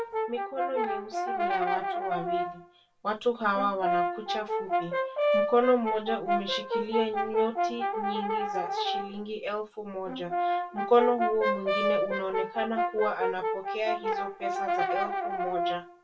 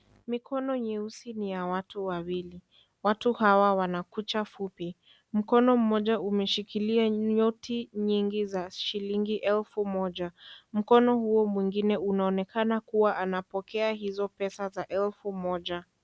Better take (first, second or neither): second